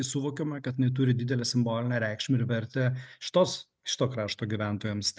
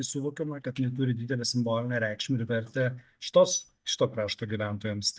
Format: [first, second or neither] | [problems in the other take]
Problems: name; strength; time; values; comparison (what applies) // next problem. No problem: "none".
first | noise reduction (neural mask model DeepFilterNet 3)